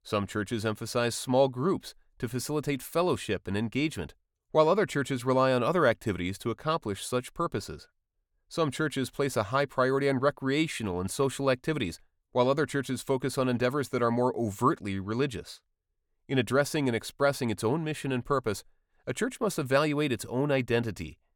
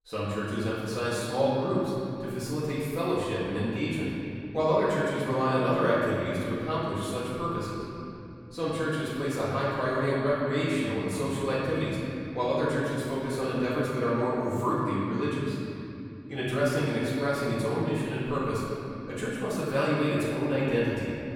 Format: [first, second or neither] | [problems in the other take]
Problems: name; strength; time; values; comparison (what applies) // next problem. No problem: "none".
first | off-mic speech; far // room echo; strong; dies away in 2.9 s